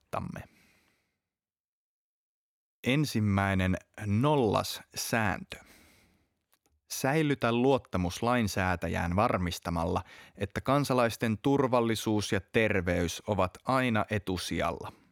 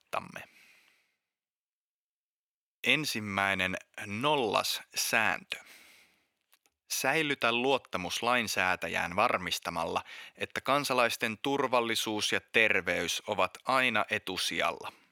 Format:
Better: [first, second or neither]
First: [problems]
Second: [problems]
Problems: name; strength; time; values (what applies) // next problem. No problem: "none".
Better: first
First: none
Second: thin; somewhat; fading below 800 Hz